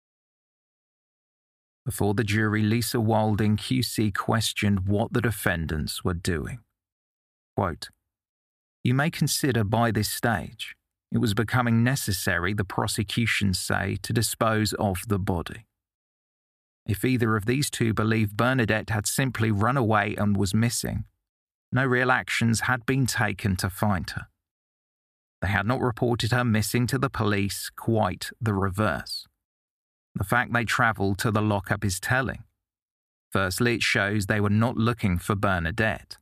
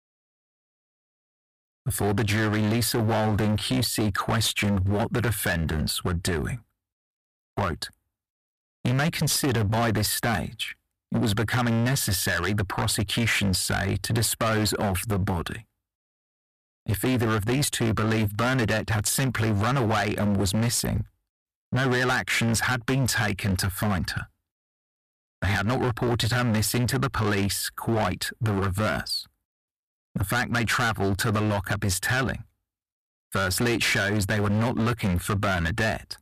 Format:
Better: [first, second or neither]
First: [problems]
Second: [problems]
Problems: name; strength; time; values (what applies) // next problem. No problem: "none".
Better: first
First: none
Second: distortion; heavy; 19% of the sound clipped